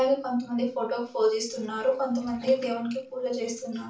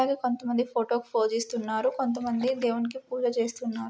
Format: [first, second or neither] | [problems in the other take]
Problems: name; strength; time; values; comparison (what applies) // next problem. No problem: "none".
second | room echo; dies away in 0.3 s